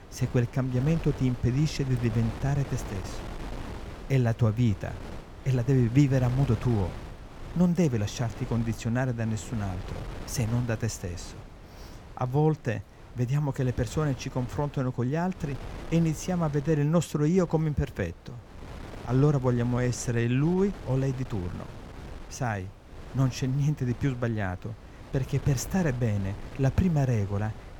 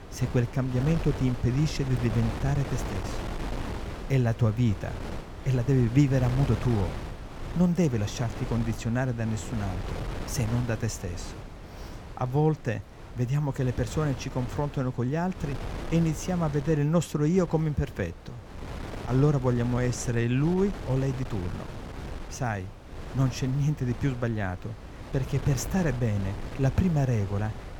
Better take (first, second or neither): first